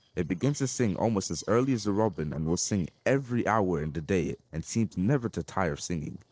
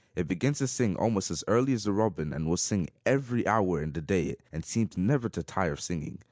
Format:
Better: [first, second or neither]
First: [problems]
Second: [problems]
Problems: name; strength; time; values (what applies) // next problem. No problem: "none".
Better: second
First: noise reduction (neural separator model SepFormer DNS4)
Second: none